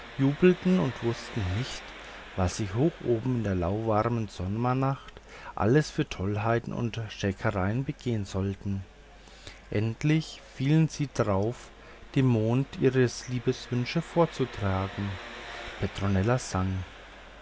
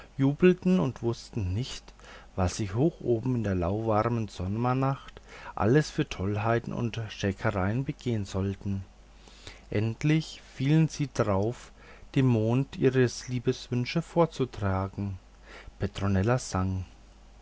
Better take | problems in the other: second | background sound (Engine); 19 dB below the speech

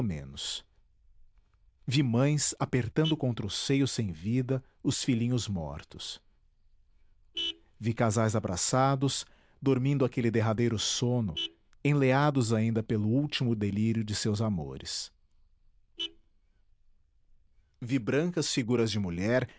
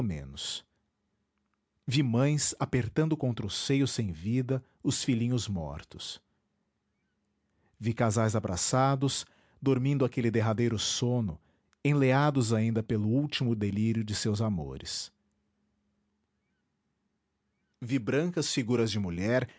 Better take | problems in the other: second | noise reduction (neural diffusion model UNIVERSE++)

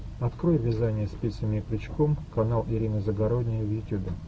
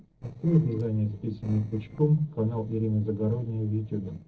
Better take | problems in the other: first | noise reduction (neural separator model SepFormer DNS4)

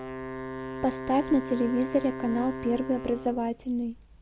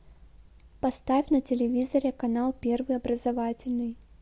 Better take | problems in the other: second | background sound (Wind instrument, woodwind instrument); 9 dB below the speech

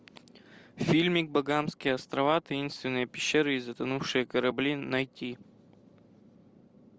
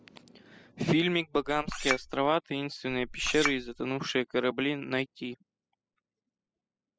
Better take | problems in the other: first | noise reduction (classical method spectral subtraction)

